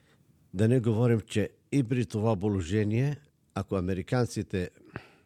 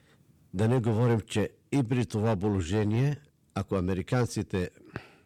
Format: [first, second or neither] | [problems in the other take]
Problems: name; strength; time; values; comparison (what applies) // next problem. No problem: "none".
first | distortion; slight; 6% of the sound clipped